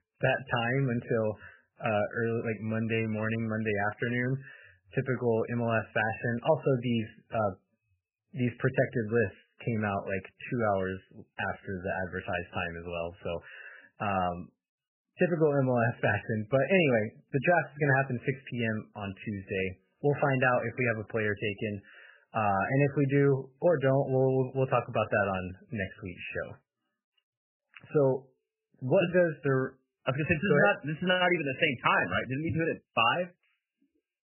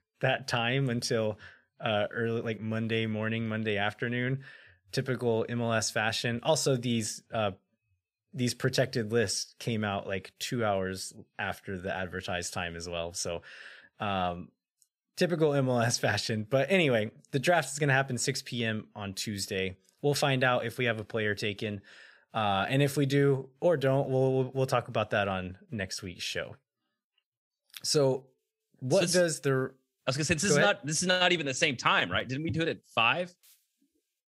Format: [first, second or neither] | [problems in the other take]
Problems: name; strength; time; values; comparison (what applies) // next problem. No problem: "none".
second | garbled, watery; badly; nothing above 3 kHz